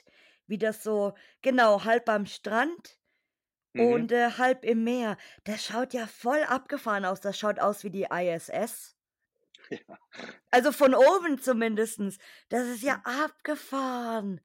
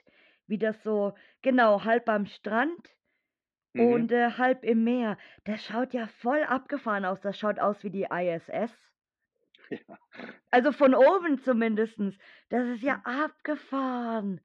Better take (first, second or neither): first